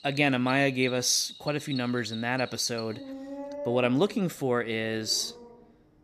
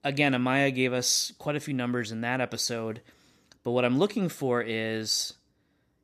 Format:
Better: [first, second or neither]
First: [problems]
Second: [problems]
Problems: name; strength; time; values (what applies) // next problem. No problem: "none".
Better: second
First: animal sounds; noticeable; throughout; 15 dB below the speech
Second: none